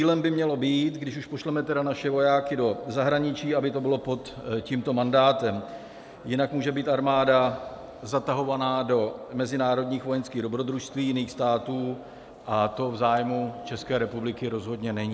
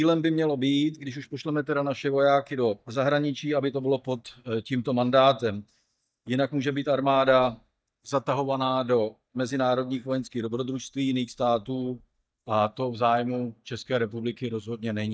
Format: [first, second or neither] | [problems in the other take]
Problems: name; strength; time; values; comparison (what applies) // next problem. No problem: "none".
first | noise reduction (neural mask model DeepFilterNet 3)